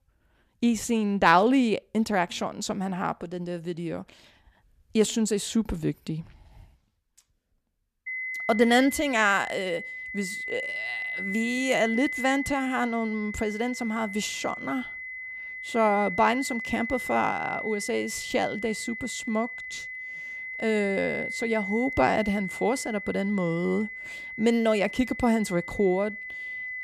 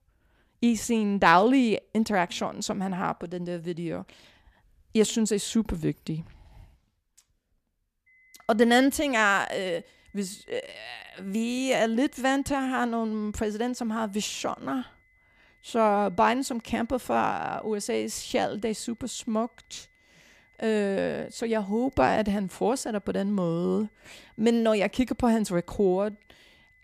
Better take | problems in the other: second | high-pitched whine; loud; from 8 s on; 2 kHz, 7 dB below the speech; faint in the second

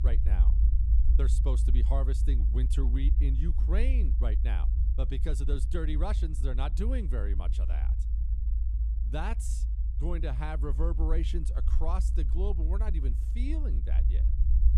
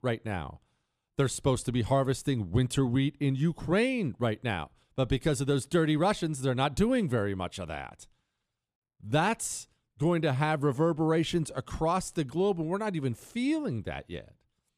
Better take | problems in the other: second | low rumble; loud; throughout; 8 dB below the speech

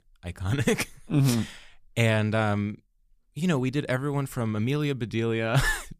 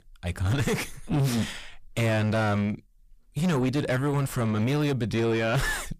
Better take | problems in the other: first | distortion; heavy; 4 dB below the speech

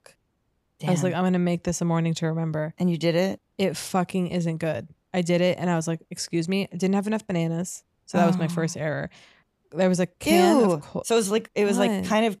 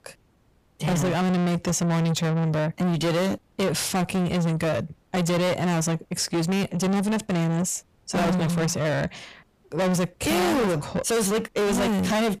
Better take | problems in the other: first | distortion; heavy; 6 dB below the speech

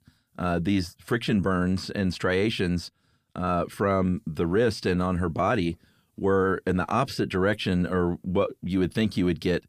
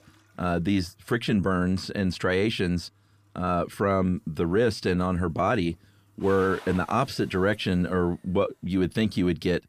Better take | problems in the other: first | household noises; faint; throughout; 25 dB below the speech

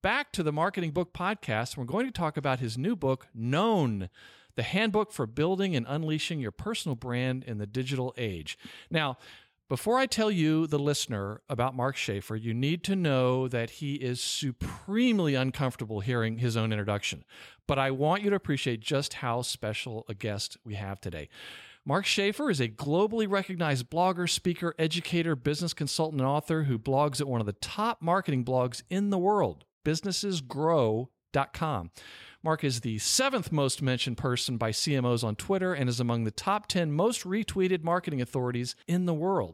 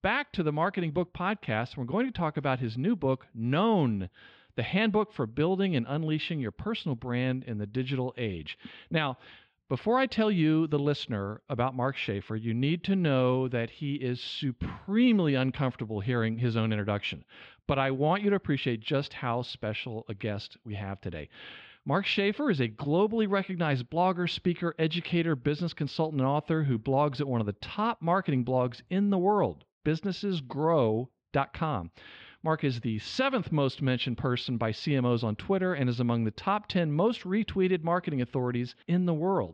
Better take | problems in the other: first | muffled; slightly; fading above 4 kHz

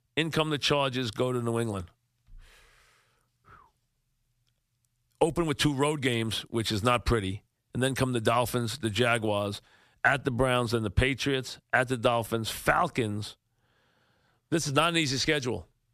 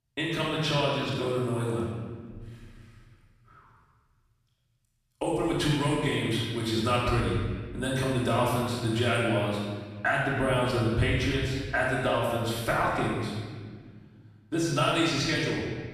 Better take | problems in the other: first | off-mic speech; far // room echo; strong; dies away in 1.6 s

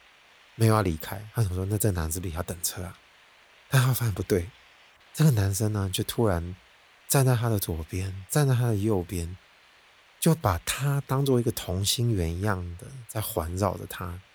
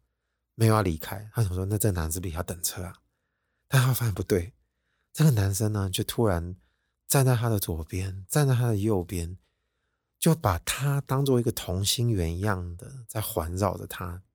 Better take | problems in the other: second | hiss; faint; throughout; 30 dB below the speech

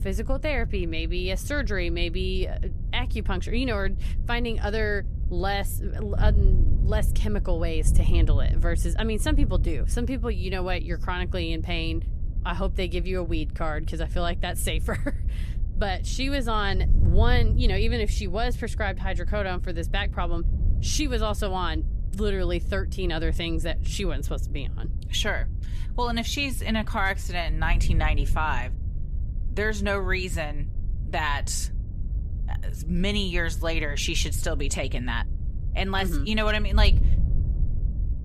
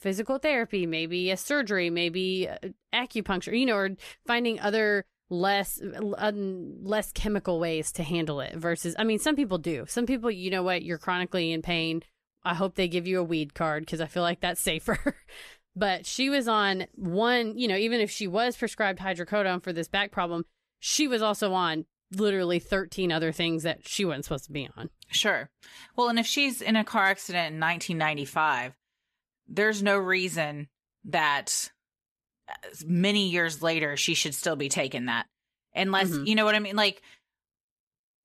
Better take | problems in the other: second | wind noise on the microphone; occasional gusts; 15 dB below the speech

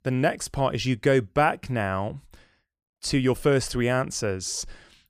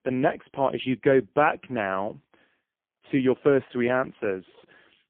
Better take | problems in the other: first | phone-call audio; poor line; nothing above 3.5 kHz

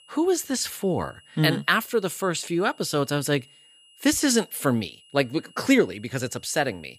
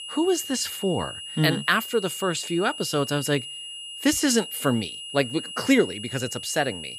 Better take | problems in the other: first | high-pitched whine; loud; throughout; 3 kHz, 10 dB below the speech; faint in the first

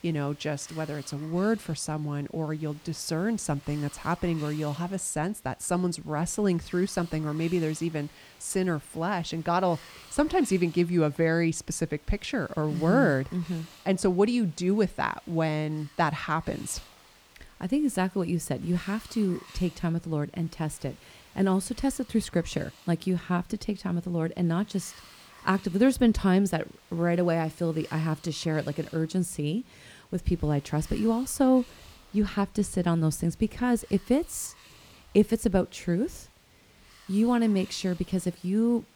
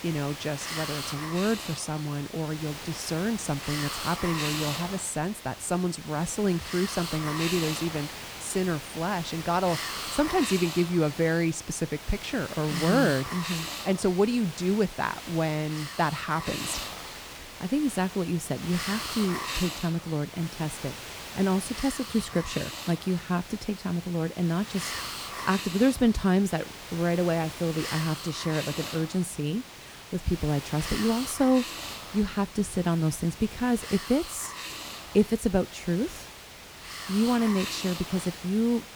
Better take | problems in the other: first | hiss; loud; throughout; 8 dB below the speech; faint in the first

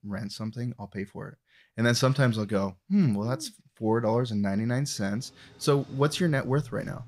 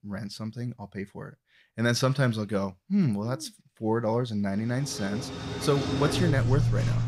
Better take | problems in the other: first | household noises; loud; from 5 s on; 1 dB below the speech; faint in the first

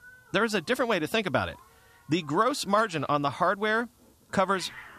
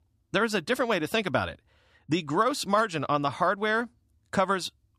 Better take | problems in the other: second | hiss; faint; throughout; 25 dB below the speech

